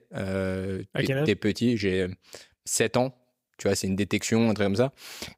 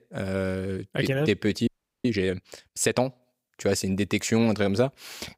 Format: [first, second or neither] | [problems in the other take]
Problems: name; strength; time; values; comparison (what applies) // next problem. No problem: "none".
first | audio freezing; at 1.5 s